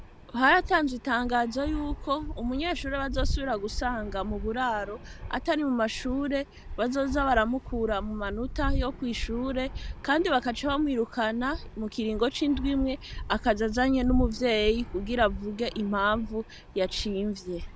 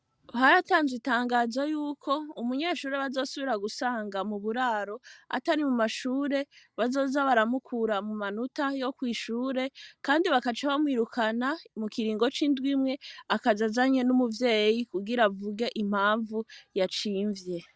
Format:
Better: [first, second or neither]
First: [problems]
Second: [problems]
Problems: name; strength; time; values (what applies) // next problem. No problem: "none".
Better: second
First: background sound (Fixed-wing aircraft, airplane); 8 dB below the speech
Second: none